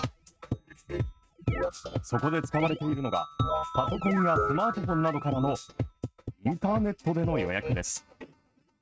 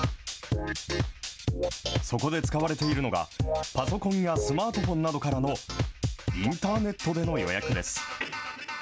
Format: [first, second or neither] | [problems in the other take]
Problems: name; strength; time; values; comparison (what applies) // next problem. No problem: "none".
second | noise reduction (neural mask model RNNoise)